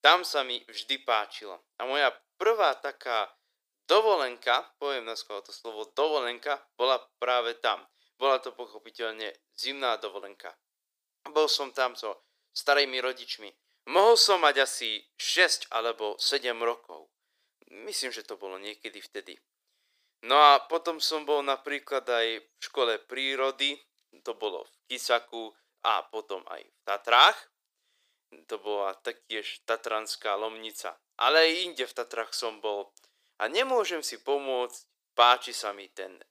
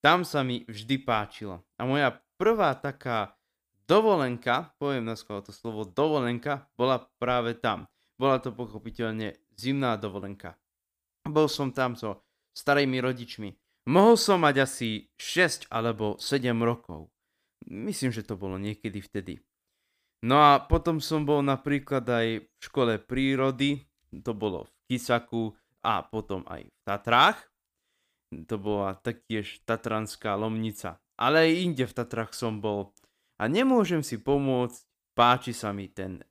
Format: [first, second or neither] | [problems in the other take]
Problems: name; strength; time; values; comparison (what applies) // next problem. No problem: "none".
second | thin; very; fading below 400 Hz